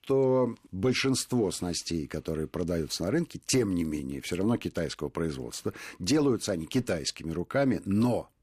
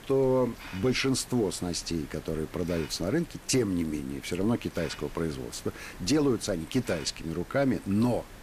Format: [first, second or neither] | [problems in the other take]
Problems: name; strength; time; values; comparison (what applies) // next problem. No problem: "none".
first | hiss; noticeable; throughout; 15 dB below the speech